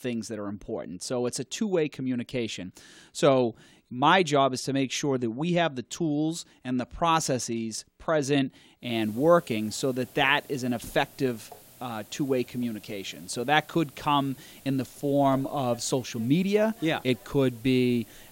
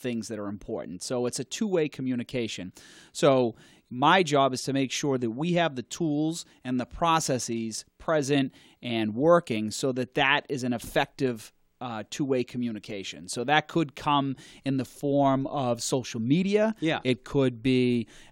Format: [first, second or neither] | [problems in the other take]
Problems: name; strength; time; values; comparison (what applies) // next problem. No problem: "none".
second | hiss; faint; from 9 s on; 20 dB below the speech